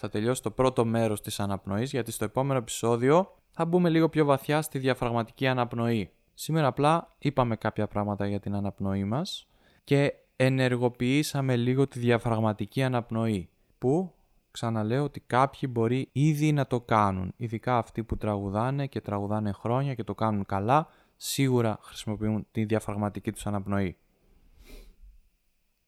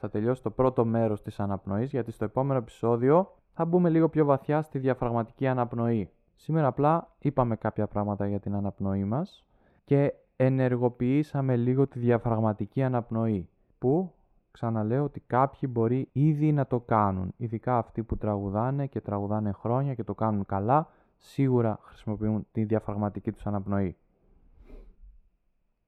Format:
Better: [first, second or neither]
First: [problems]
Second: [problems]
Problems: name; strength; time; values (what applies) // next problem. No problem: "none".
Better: first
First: none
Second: muffled; very; fading above 2.5 kHz